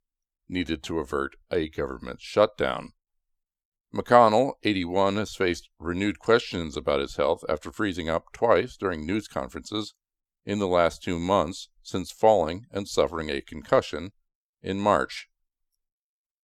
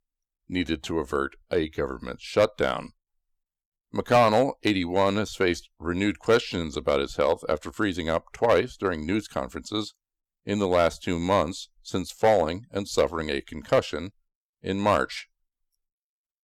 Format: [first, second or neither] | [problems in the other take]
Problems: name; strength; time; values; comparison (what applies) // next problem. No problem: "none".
first | distortion; slight; 1.2% of the sound clipped